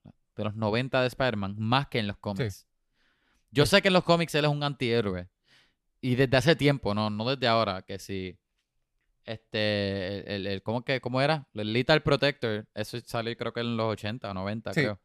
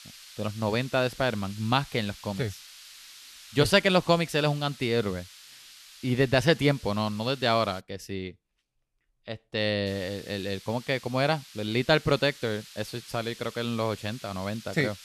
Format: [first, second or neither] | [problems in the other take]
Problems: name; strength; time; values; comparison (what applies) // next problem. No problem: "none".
first | hiss; noticeable; until 8 s and from 10 s on; 20 dB below the speech